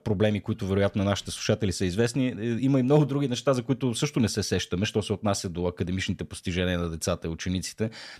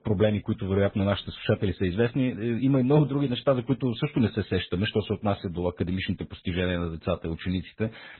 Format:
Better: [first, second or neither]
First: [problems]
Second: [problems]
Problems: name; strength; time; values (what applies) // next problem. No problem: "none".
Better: first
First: none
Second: garbled, watery; badly; nothing above 4 kHz